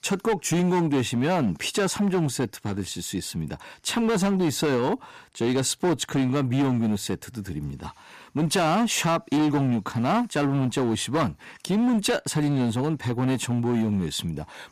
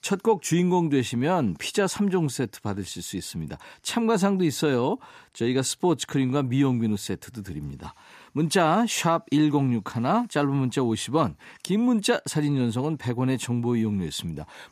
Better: second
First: distortion; slight; 13% of the sound clipped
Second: none

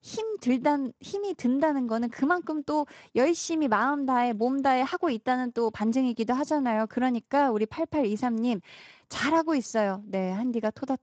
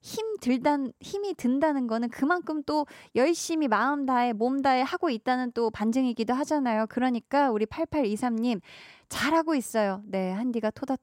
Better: second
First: garbled, watery; slightly; nothing above 7.5 kHz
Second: none

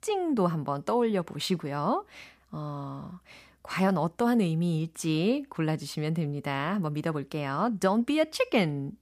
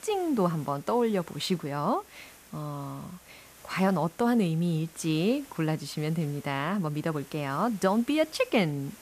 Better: first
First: none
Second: hiss; faint; throughout; 20 dB below the speech

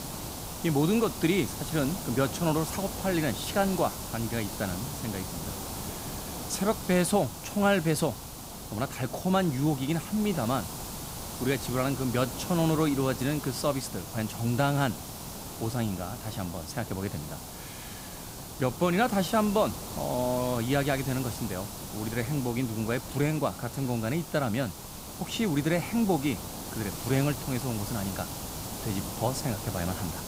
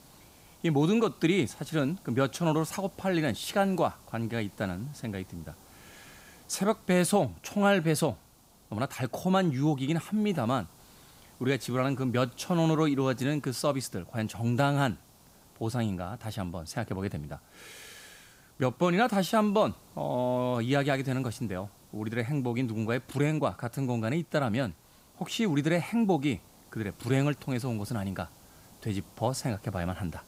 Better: second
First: hiss; loud; throughout; 8 dB below the speech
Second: hiss; faint; throughout; 25 dB below the speech

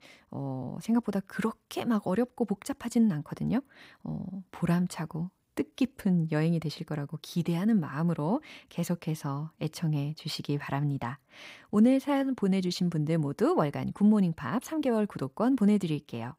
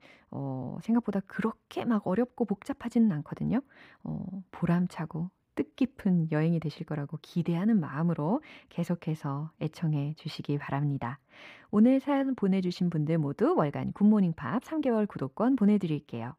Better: first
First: none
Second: muffled; slightly; fading above 4 kHz

